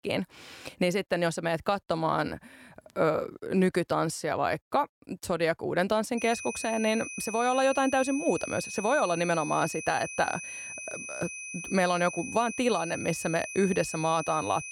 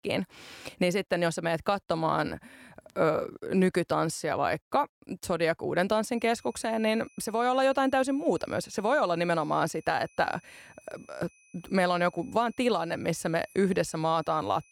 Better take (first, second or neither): second